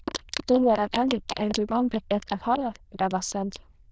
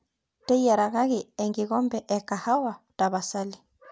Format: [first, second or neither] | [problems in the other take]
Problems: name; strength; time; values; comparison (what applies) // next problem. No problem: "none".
second | noise reduction (neural diffusion model UNIVERSE++)